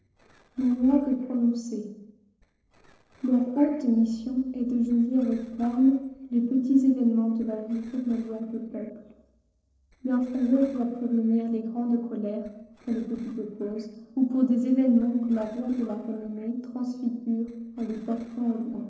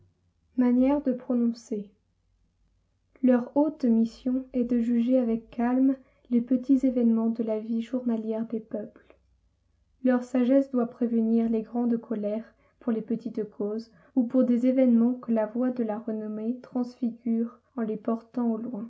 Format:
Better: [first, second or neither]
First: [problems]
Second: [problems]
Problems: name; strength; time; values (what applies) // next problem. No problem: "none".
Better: second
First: noise reduction (neural separator model SepFormer DNS4)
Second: none